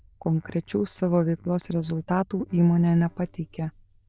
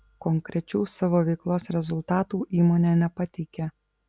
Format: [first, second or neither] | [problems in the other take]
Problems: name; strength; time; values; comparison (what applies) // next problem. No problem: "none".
second | noise reduction (neural diffusion model UNIVERSE++)